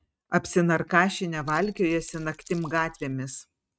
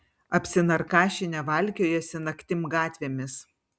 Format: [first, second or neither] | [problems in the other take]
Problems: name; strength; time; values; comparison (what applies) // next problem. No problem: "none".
second | noise reduction (neural mask model RNNoise)